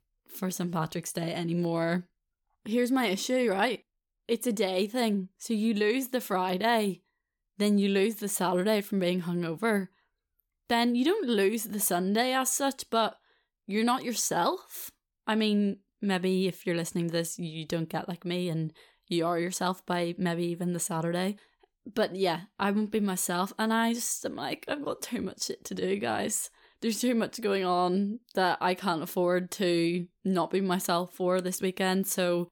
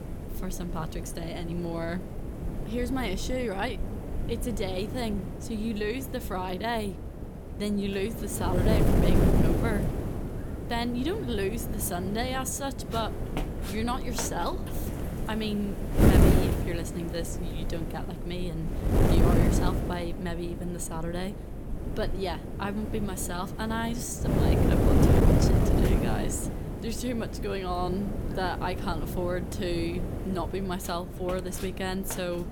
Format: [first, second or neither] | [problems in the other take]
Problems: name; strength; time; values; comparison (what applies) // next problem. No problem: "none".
first | wind noise on the microphone; heavy; 2 dB below the speech